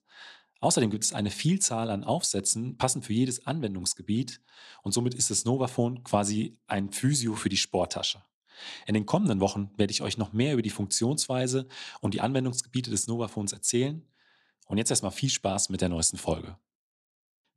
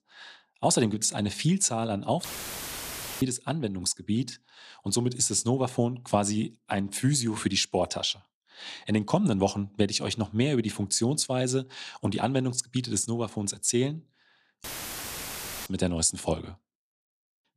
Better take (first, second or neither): first